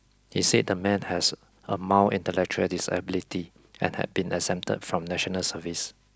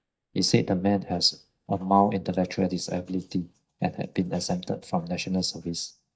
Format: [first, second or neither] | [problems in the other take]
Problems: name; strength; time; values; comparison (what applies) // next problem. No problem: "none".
first | noise reduction (neural mask model DeepFilterNet 3)